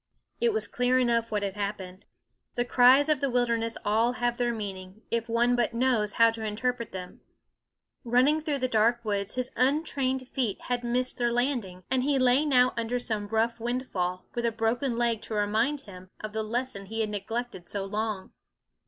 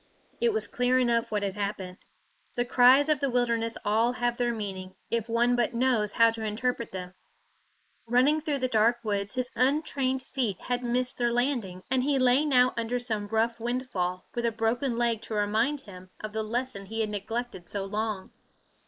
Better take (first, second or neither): first